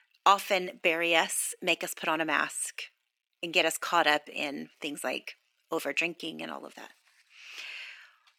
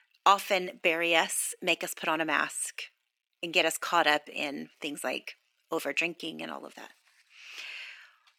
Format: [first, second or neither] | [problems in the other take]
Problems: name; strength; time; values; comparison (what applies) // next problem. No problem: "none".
neither | thin; somewhat; fading below 250 Hz; the same in both